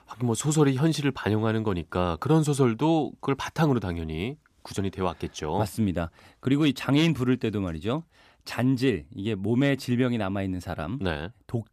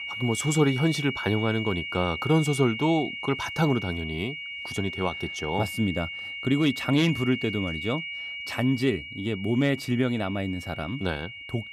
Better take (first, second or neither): first